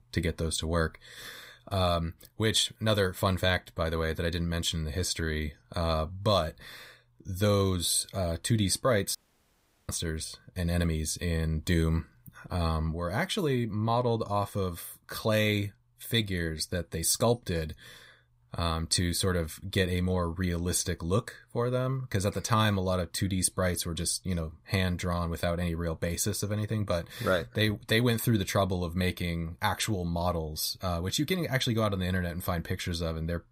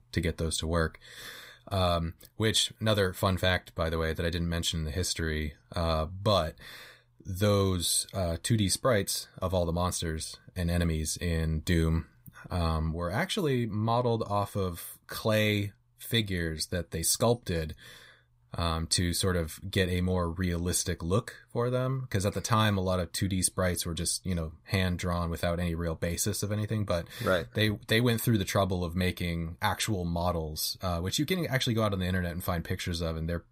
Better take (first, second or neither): second